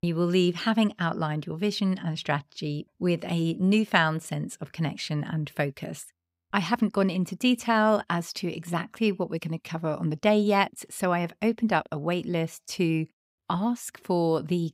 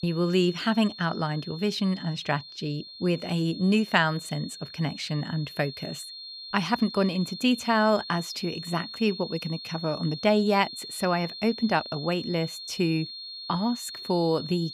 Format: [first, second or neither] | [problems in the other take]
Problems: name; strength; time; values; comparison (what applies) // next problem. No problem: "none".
first | high-pitched whine; noticeable; throughout; 4 kHz, 10 dB below the speech